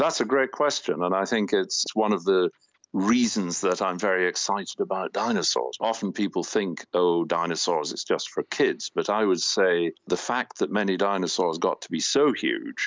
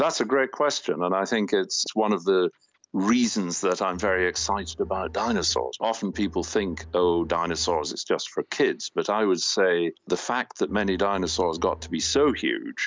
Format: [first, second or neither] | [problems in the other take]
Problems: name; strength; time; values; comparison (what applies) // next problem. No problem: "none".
first | background sound (Bowed string instrument); 18 dB below the speech